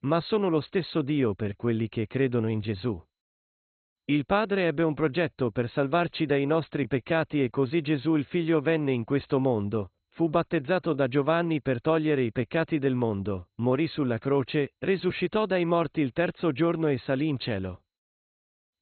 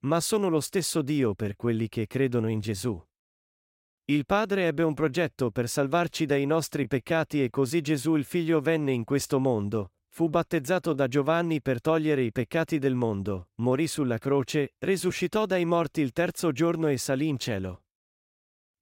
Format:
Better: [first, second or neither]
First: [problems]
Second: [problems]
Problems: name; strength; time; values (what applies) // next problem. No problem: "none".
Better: second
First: garbled, watery; badly; nothing above 4 kHz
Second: none